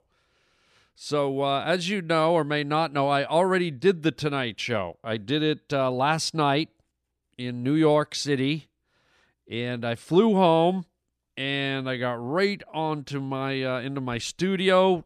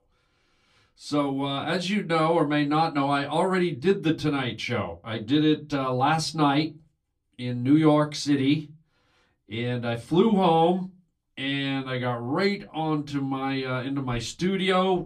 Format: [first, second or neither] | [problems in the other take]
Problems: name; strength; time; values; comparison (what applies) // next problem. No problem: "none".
first | off-mic speech; far // room echo; very slight; dies away in 0.2 s